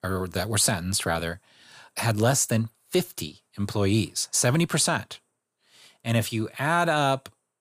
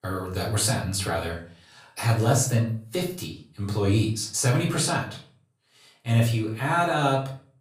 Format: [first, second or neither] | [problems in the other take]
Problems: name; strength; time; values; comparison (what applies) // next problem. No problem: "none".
first | room echo; slight; dies away in 0.4 s // off-mic speech; far